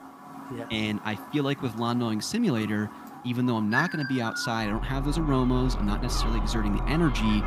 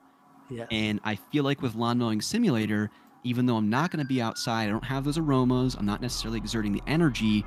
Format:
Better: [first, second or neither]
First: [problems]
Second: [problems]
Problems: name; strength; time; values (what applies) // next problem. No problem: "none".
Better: second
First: animal sounds; loud; throughout; 6 dB below the speech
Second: animal sounds; faint; throughout; 20 dB below the speech